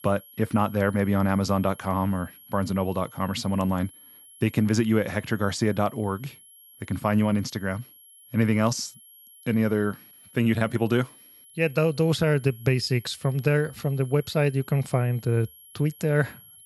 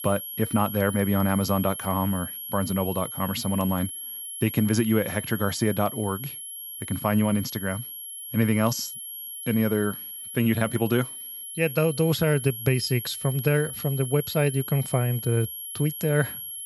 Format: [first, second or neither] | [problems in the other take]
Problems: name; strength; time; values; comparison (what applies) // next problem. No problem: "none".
first | high-pitched whine; loud; throughout; 11.5 kHz, 8 dB below the speech; faint in the first